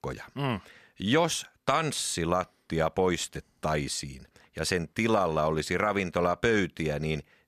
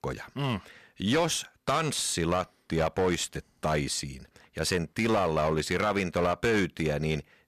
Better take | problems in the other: first | distortion; slight; 7% of the sound clipped

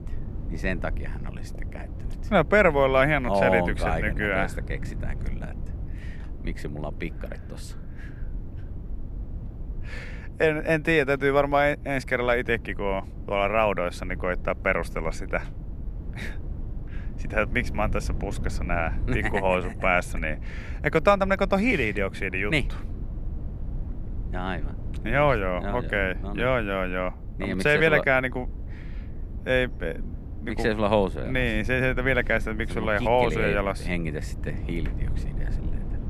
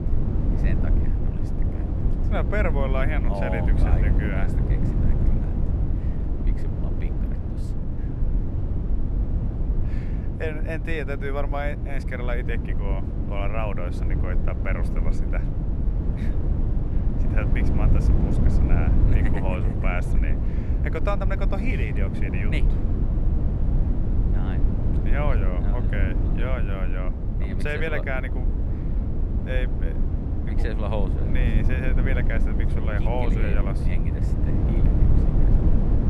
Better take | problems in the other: first | low rumble; loud; throughout; 4 dB below the speech; faint in the first

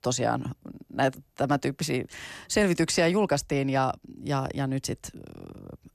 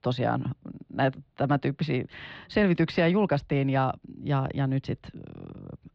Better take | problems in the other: first | muffled; slightly; fading above 4 kHz

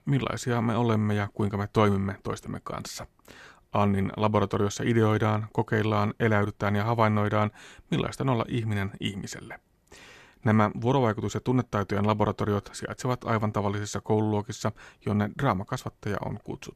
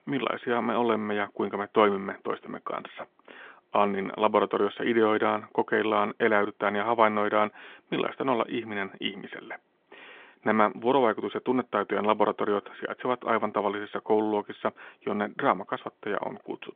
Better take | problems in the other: first | phone-call audio; nothing above 3.5 kHz

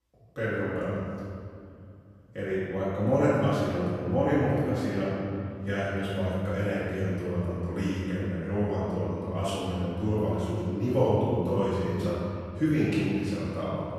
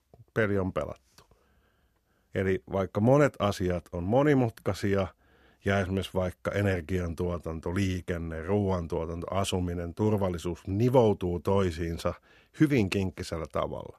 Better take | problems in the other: second | off-mic speech; far // room echo; strong; dies away in 2.3 s

